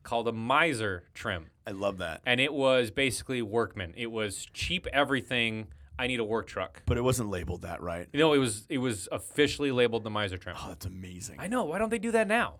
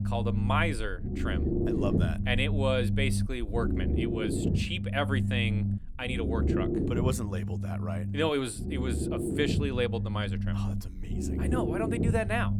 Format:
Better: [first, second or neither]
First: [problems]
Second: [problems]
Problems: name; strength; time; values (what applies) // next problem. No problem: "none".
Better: first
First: none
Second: low rumble; loud; throughout; 5 dB below the speech